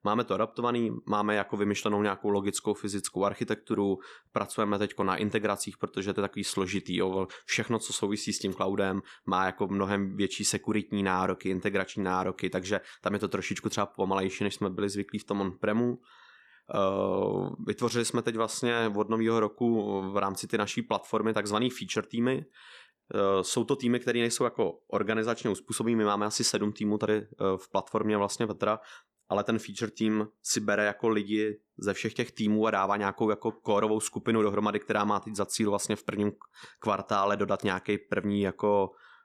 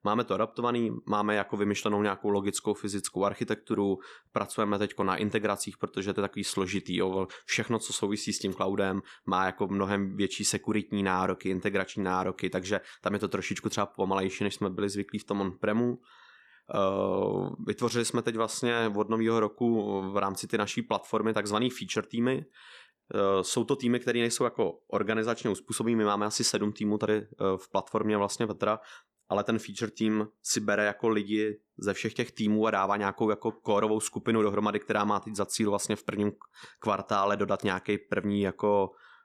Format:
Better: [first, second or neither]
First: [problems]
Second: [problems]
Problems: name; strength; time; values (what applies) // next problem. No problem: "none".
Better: neither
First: none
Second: none